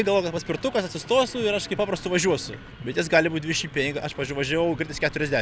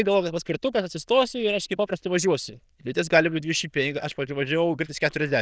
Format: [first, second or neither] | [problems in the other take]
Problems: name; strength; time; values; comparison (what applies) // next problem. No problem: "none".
first | noise reduction (neural diffusion model UNIVERSE++)